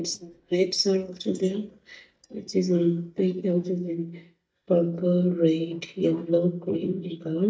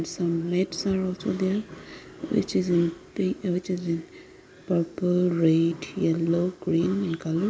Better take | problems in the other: second | noise reduction (neural mask model DeepFilterNet 3)

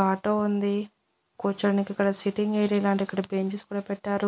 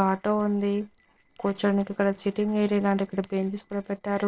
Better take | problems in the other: first | noise reduction (neural separator model SepFormer DNS4)

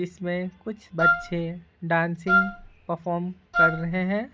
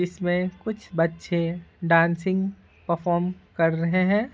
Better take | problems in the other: second | background sound (Wind instrument, woodwind instrument); 4 dB above the speech

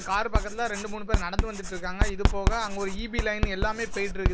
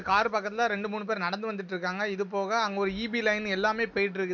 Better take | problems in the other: second | background sound (Writing); 4 dB above the speech

